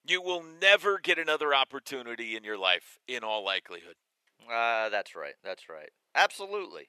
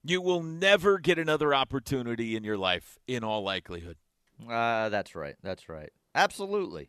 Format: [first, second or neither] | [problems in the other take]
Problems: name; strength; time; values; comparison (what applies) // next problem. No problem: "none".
second | thin; very; fading below 550 Hz